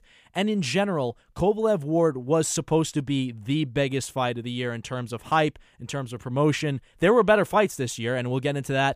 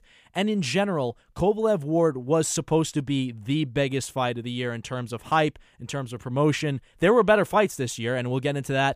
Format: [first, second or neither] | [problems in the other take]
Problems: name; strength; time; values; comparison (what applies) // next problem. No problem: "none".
neither | none